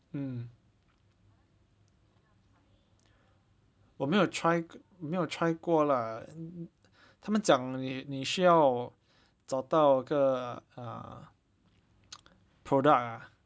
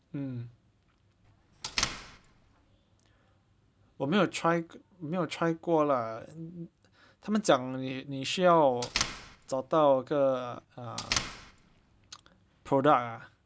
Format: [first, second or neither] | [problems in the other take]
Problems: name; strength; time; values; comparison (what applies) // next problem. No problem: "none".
first | background sound (Door); 7 dB below the speech